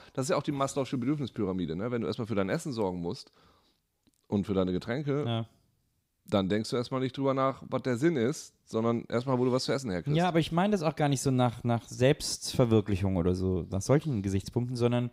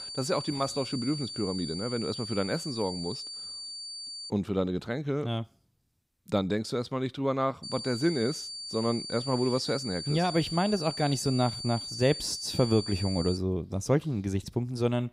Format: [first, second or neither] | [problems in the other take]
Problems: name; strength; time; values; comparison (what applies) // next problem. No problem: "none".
first | high-pitched whine; loud; until 4.5 s and from 7.5 to 13 s; 4.5 kHz, 7 dB below the speech